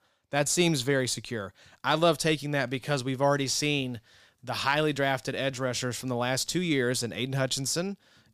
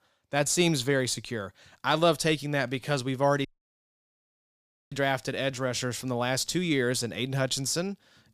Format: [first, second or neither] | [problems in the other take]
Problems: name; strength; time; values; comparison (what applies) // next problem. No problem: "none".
first | audio cutting out; at 3.5 s for 1.5 s